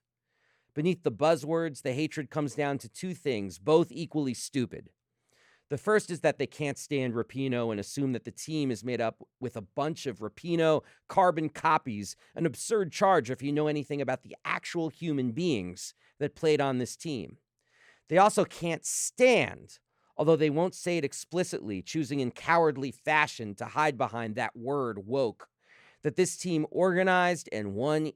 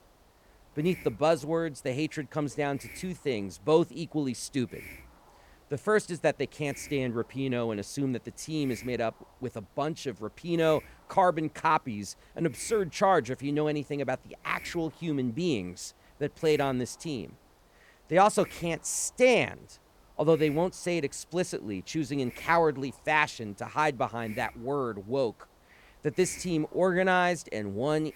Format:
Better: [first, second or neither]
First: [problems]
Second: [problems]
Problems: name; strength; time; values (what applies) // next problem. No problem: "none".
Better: first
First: none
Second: hiss; faint; throughout; 25 dB below the speech